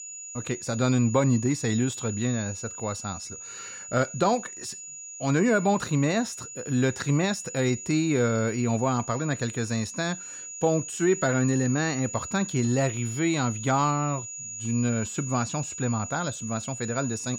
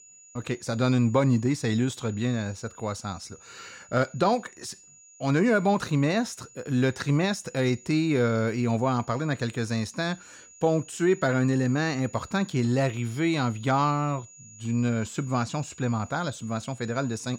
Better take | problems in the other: second | high-pitched whine; loud; throughout; 7 kHz, 9 dB below the speech; faint in the second

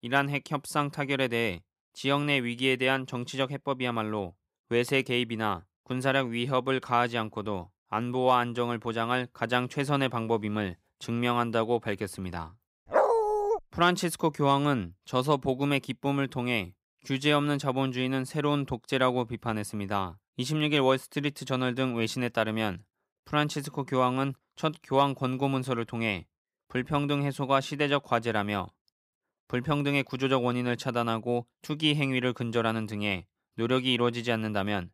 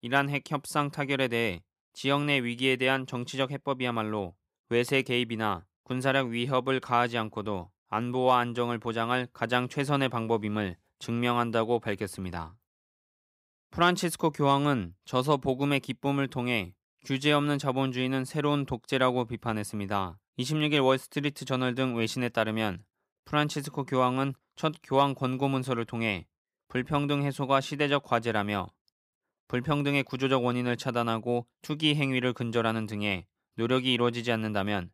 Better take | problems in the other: second | dog barking; loud; at 13 s; peak 5 dB above the speech

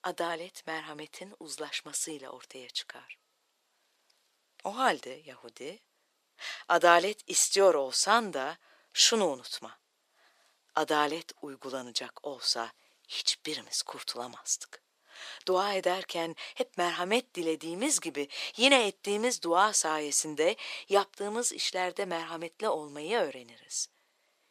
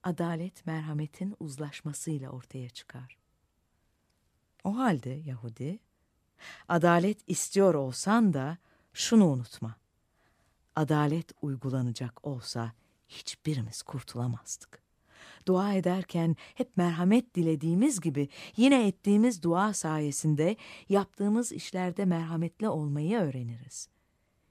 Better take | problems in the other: second | thin; very; fading below 450 Hz

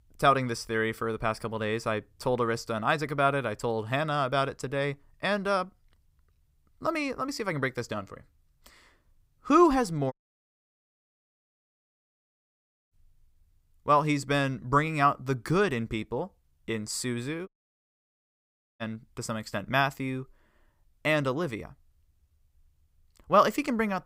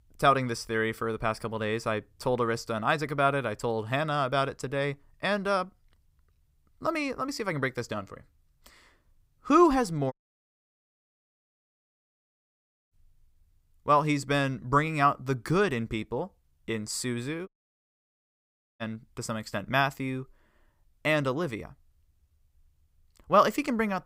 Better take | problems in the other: neither | audio cutting out; at 10 s for 3 s and at 17 s for 1.5 s; the same in both

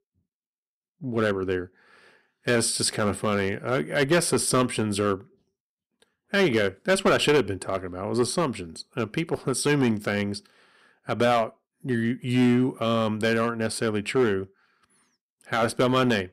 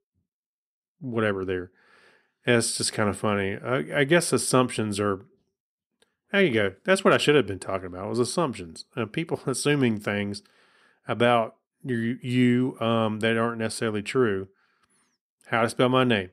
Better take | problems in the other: second | distortion; slight; 3% of the sound clipped

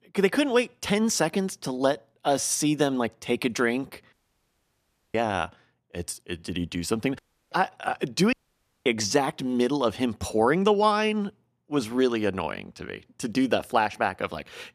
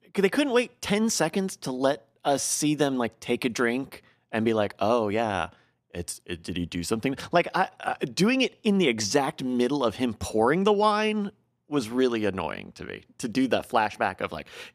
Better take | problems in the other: second | audio cutting out; at 4 s for 1 s, at 7 s and at 8.5 s for 0.5 s

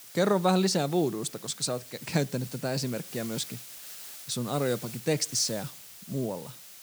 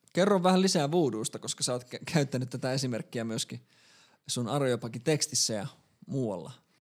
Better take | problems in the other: second | hiss; noticeable; throughout; 15 dB below the speech

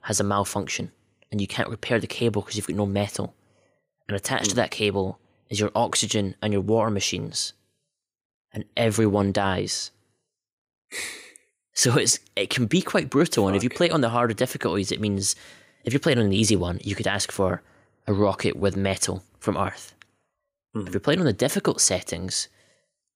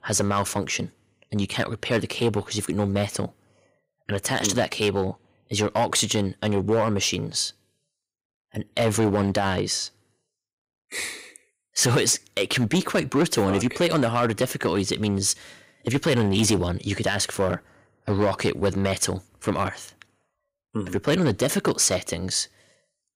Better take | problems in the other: first | distortion; slight; 4% of the sound clipped

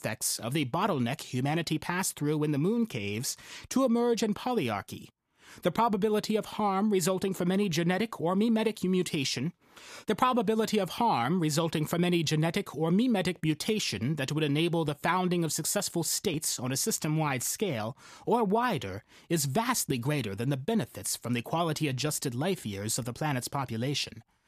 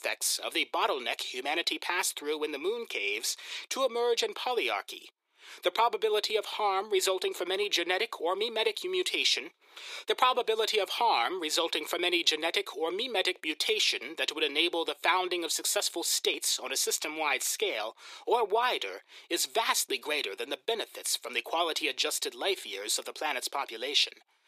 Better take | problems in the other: first | thin; very; fading below 350 Hz

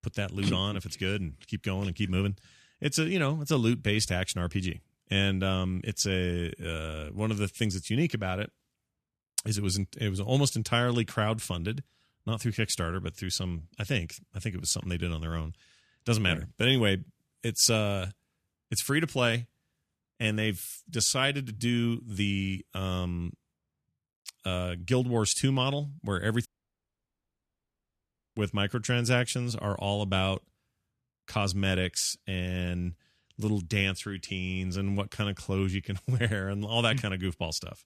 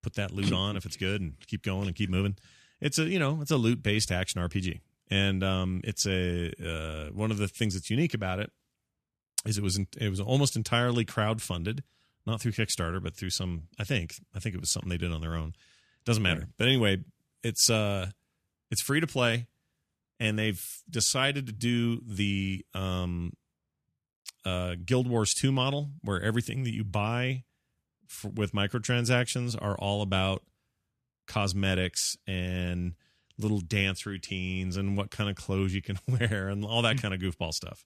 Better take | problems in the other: second | audio cutting out; at 26 s for 2 s

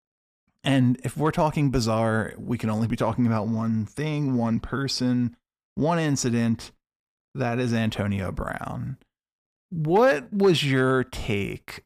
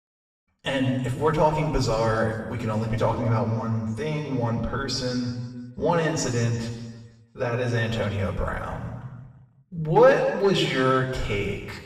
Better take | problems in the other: first | room echo; noticeable; dies away in 1.3 s // off-mic speech; far

